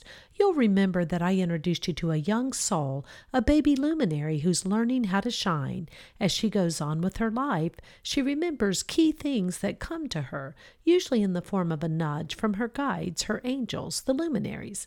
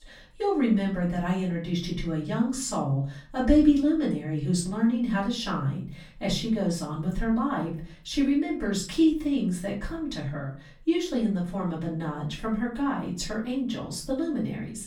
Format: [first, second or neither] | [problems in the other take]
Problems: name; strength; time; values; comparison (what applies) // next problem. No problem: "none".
first | off-mic speech; far // room echo; slight; dies away in 0.3 s